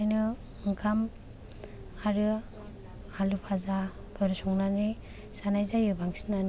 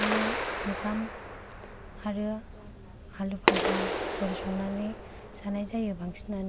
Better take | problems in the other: first | background sound (Clapping); 1 dB above the speech

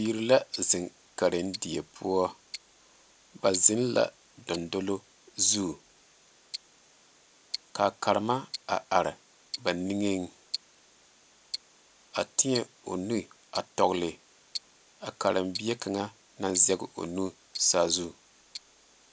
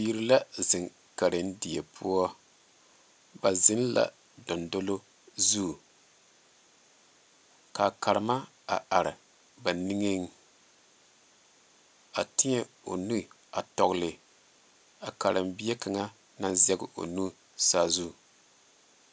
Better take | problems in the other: second | background sound (Tick-tock); 16 dB below the speech

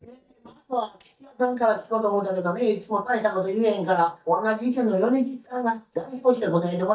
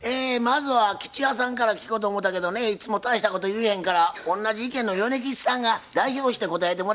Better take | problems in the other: second | noise reduction (neural mask model DeepFilterNet 3)

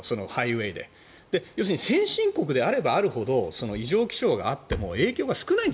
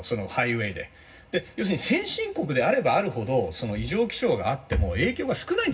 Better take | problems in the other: first | room echo; dies away in 0.4 s

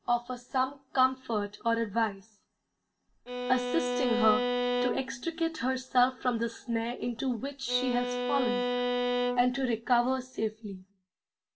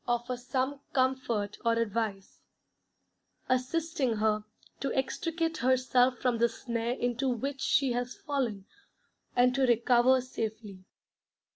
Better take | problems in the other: second | background sound (Bowed string instrument); as loud as the speech // room echo; dies away in 0.2 s

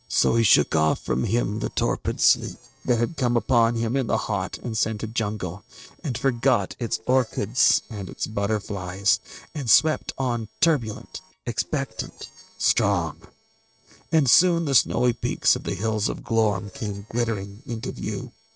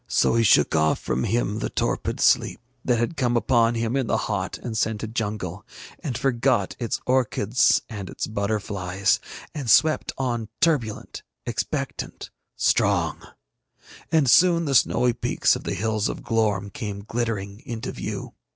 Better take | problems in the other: second | noise reduction (neural separator model SepFormer DNS4)

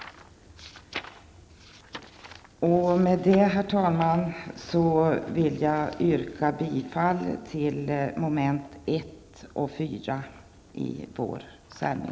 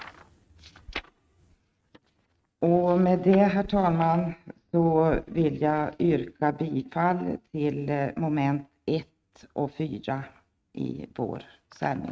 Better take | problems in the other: first | noise reduction (neural mask model RNNoise)

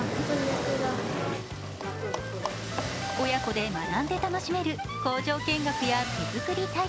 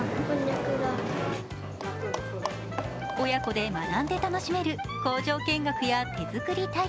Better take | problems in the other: second | background sound (Motor vehicle (road)); 11 dB below the speech

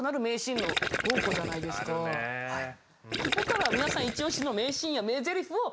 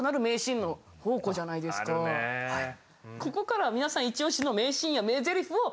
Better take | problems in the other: second | background sound (Gurgling); 2 dB below the speech

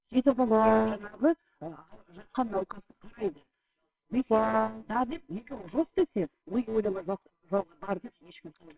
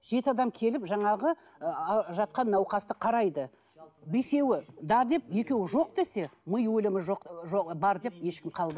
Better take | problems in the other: second | noise reduction (neural separator model SepFormer WHAMR!)

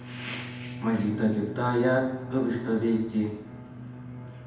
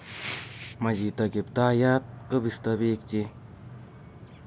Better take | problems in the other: second | background sound (Bowed string instrument); 11 dB below the speech // room echo; dies away in 0.9 s

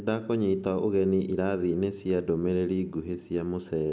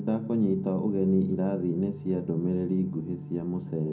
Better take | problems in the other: first | background sound (Organ); 13 dB below the speech // room echo; dies away in 0.2 s

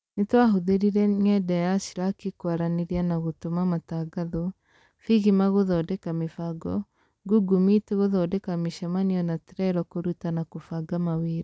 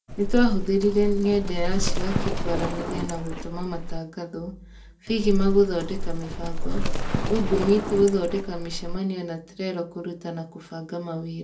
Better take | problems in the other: first | background sound (Livestock, farm animals, working animals); 1 dB above the speech // room echo; dies away in 0.2 s

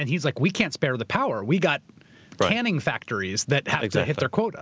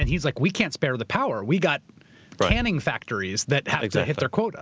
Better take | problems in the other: first | background sound (Bass drum); 11 dB below the speech

